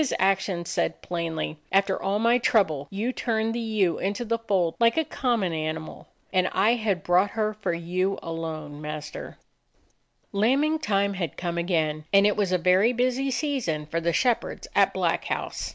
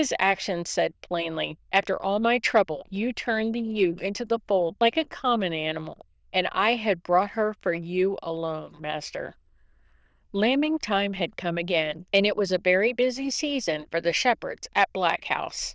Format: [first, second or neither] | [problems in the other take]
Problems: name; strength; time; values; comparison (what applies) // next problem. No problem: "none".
first | noise reduction (neural diffusion model UNIVERSE++)